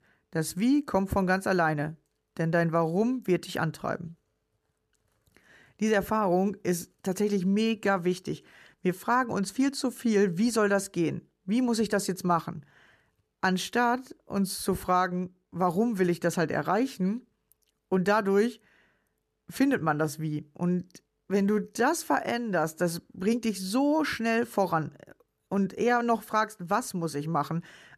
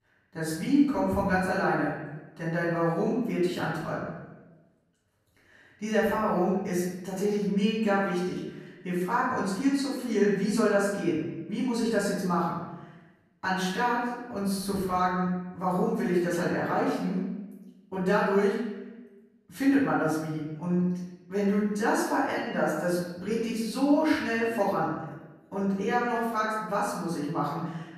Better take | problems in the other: first | off-mic speech; far // room echo; noticeable; dies away in 0.9 s

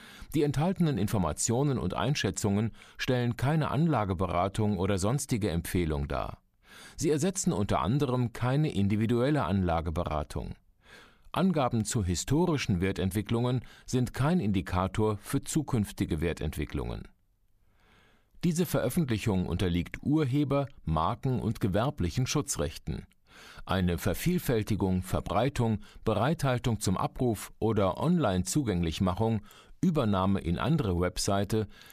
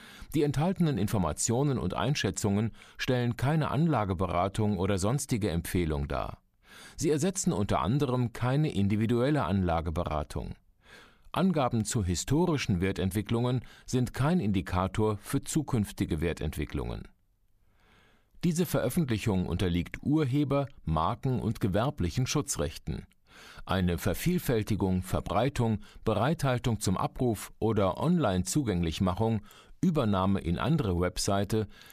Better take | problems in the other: neither | none

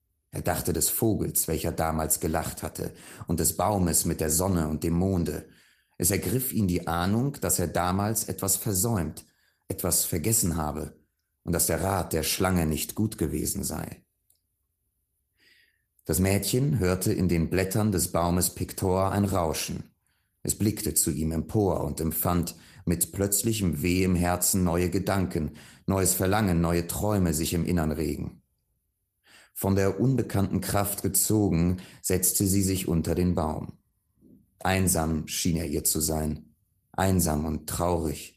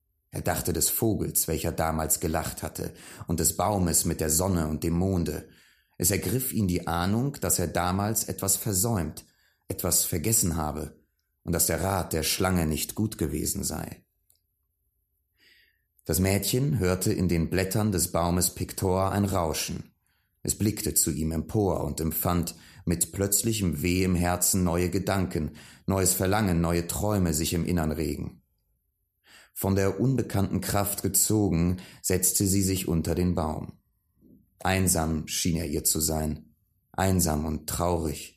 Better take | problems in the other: second | garbled, watery; slightly; nothing above 14.5 kHz

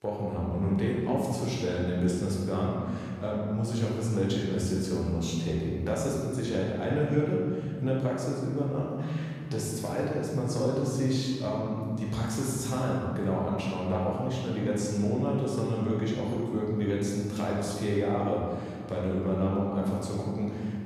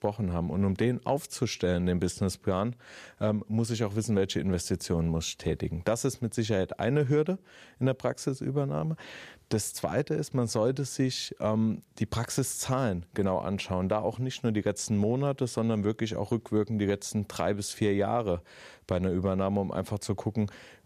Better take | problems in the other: second | room echo; strong; dies away in 2.4 s // off-mic speech; far

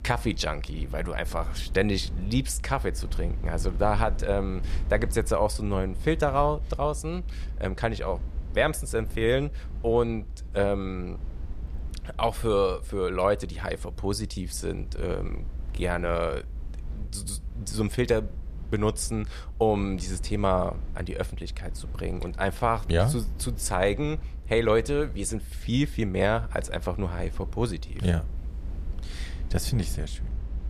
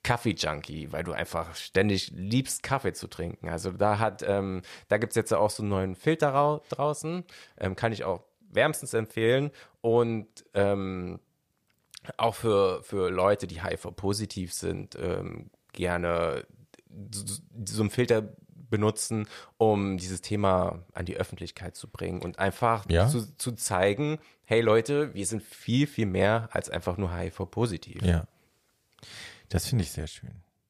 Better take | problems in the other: second | low rumble; faint; throughout; 25 dB below the speech

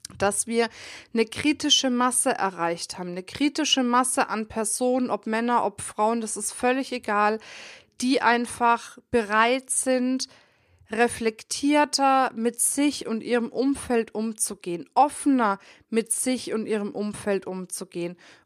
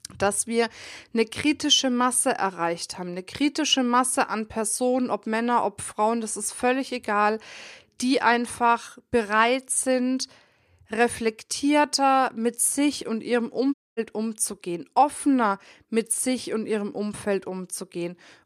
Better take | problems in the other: first | audio cutting out; at 14 s

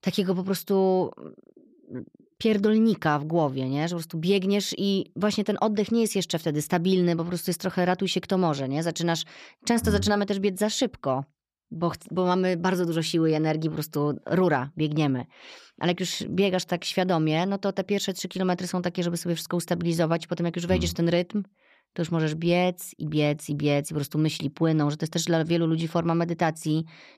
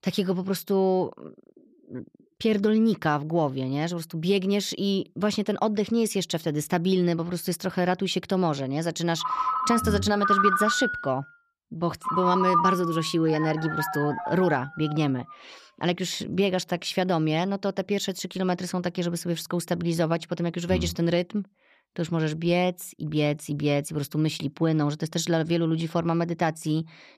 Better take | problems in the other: first | phone ringing; loud; from 9 to 15 s; peak 5 dB above the speech

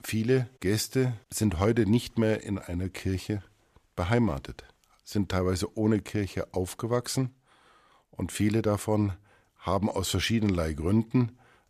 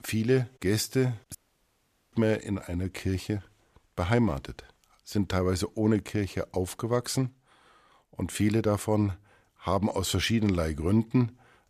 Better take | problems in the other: first | audio cutting out; at 1.5 s for 1 s

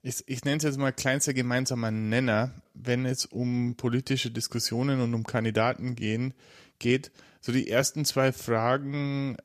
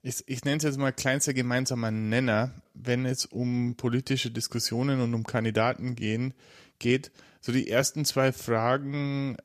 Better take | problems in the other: neither | none

